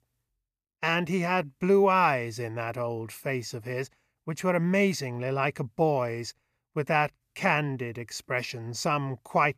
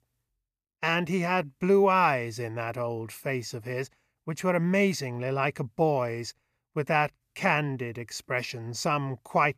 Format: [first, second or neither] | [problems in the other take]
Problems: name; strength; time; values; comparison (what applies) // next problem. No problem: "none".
neither | none